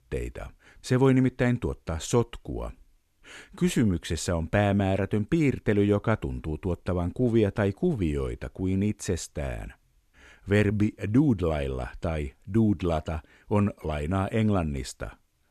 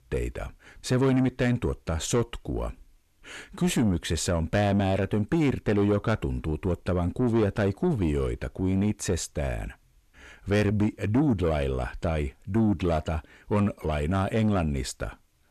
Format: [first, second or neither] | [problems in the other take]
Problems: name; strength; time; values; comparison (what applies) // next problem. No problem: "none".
first | distortion; slight; 10 dB below the speech